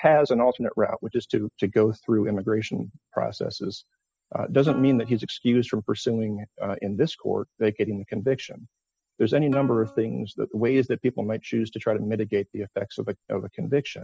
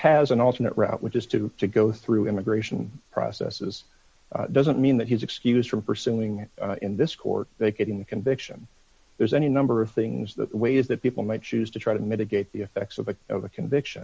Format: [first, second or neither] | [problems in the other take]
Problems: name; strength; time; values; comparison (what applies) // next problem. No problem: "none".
second | noise reduction (classical method spectral subtraction)